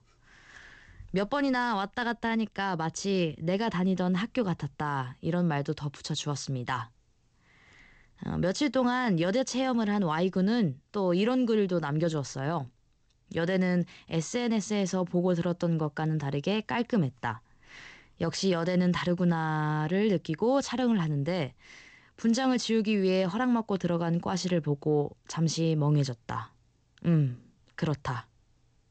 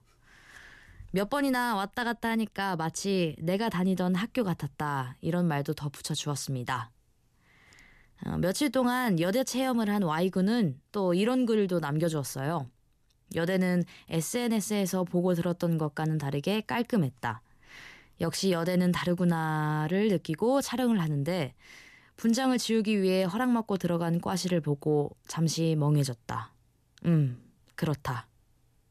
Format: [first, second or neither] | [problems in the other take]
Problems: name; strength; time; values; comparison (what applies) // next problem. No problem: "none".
second | garbled, watery; slightly; nothing above 8 kHz